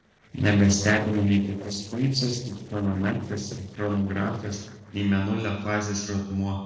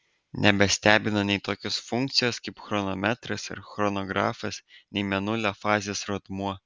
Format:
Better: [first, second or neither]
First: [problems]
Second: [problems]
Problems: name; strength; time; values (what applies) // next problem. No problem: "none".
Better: second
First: noise reduction (neural separator model SepFormer DNS4)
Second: none